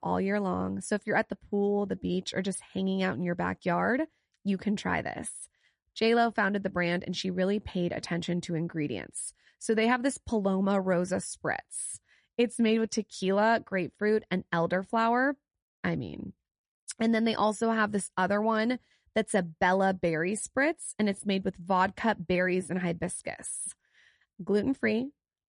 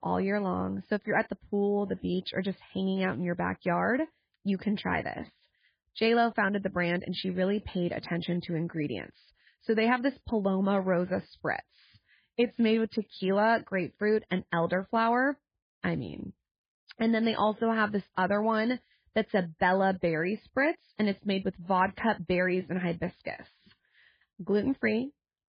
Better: first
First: garbled, watery; slightly; nothing above 10.5 kHz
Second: garbled, watery; badly; nothing above 4.5 kHz

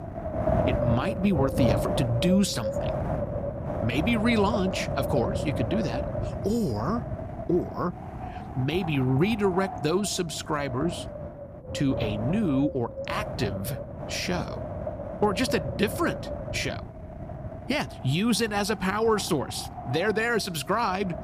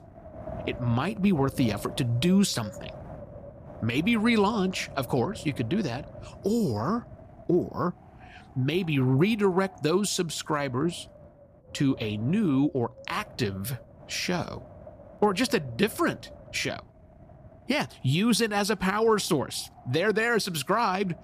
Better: second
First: wind noise on the microphone; heavy; 4 dB below the speech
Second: wind noise on the microphone; occasional gusts; 20 dB below the speech

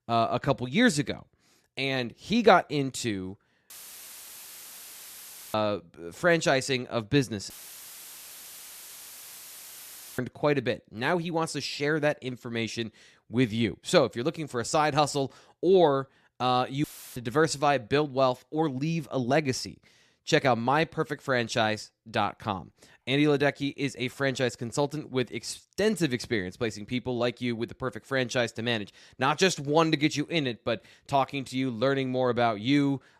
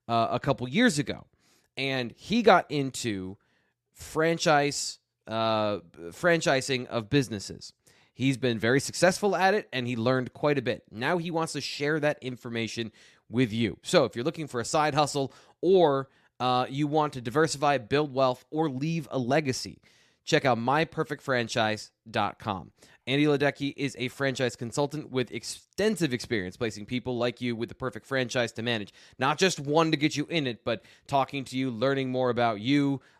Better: second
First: audio cutting out; filled with static; at 3.5 s for 2 s, at 7.5 s for 2.5 s and at 17 s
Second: none

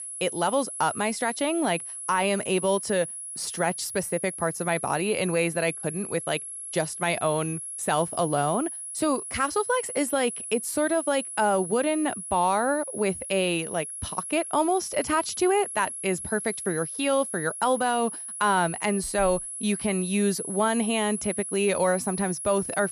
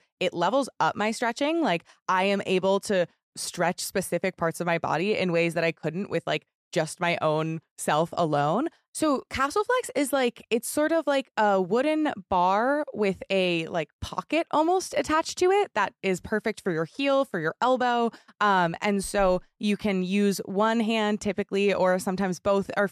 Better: second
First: high-pitched whine; loud; throughout; 10.5 kHz, 7 dB below the speech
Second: none

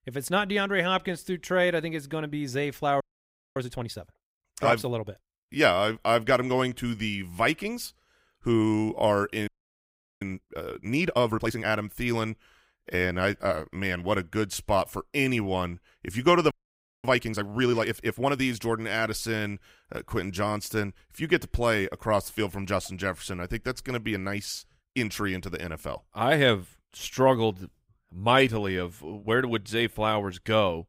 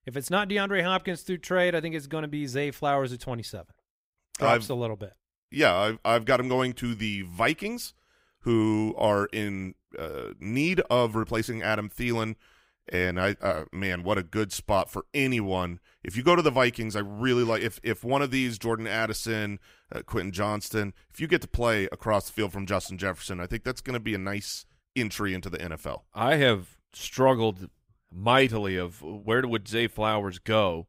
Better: second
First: audio freezing; at 3 s for 0.5 s, at 9.5 s for 0.5 s and at 17 s for 0.5 s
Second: none

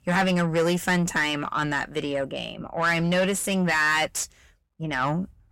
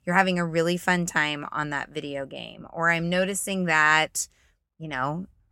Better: second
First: distortion; heavy; 6 dB below the speech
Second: none

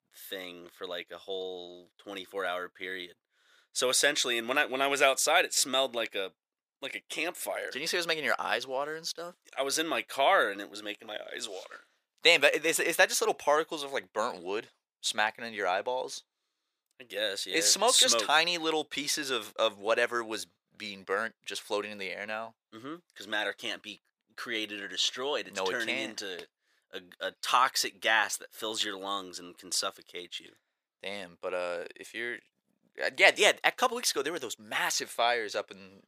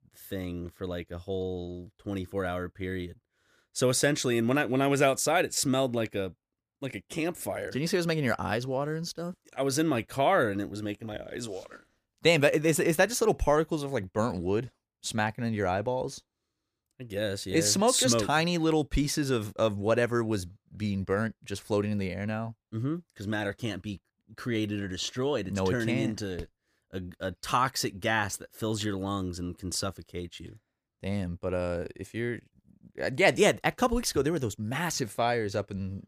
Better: second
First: thin; very; fading below 550 Hz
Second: none

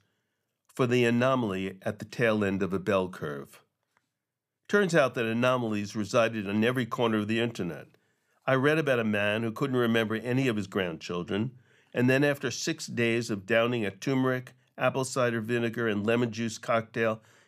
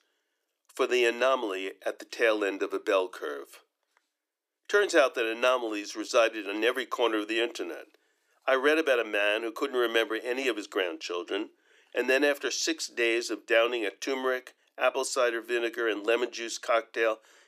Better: first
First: none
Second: thin; very; fading below 300 Hz

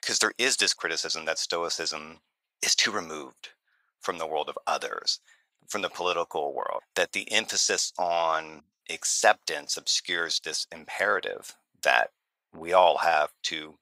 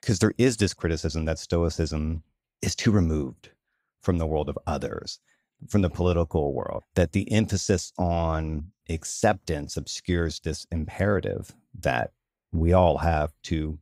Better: second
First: thin; very; fading below 950 Hz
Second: none

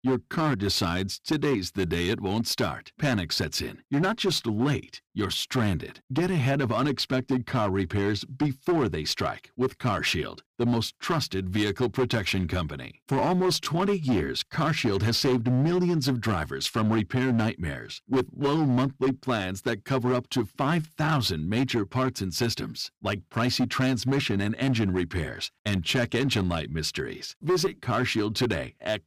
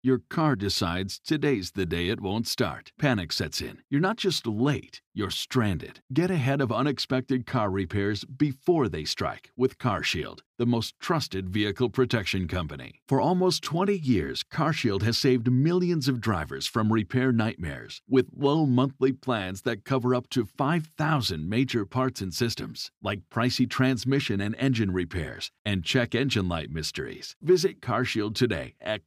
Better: second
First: distortion; slight; 9% of the sound clipped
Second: none

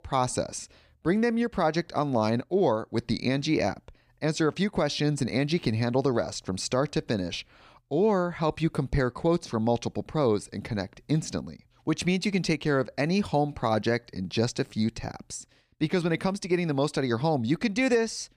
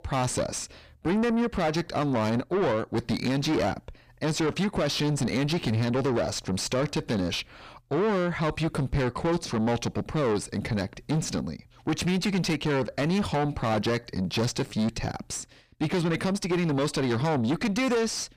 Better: first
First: none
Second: distortion; heavy; 6 dB below the speech

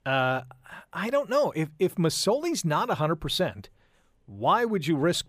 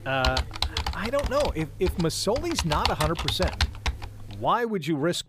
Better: first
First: none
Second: keyboard typing; loud; until 4.5 s; peak level with the speech

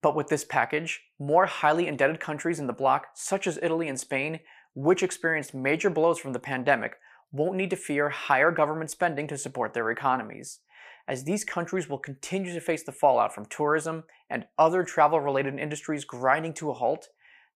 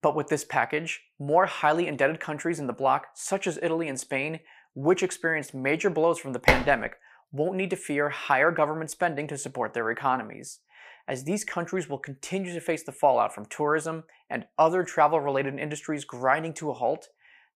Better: first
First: none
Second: clattering dishes; loud; at 6.5 s; peak 4 dB above the speech

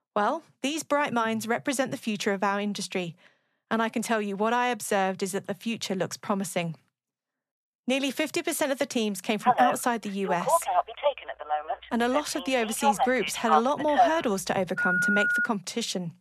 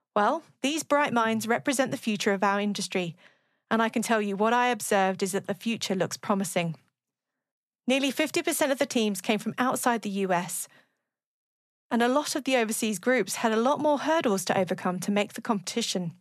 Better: second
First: phone ringing; loud; from 9.5 to 15 s; peak 5 dB above the speech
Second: none

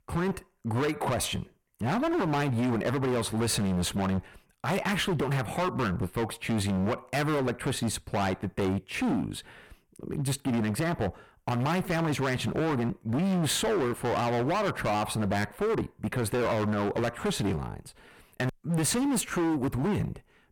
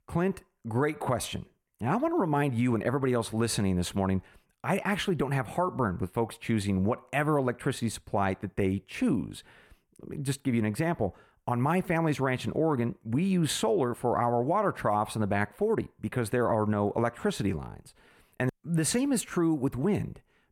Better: second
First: distortion; heavy; 24% of the sound clipped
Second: none

